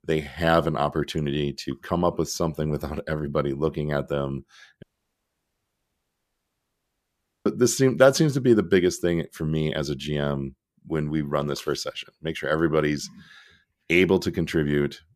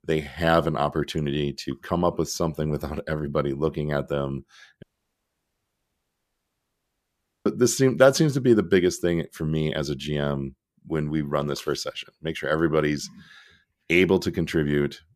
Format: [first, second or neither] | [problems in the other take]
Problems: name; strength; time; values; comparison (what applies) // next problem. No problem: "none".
neither | audio cutting out; at 5 s for 2.5 s; the same in both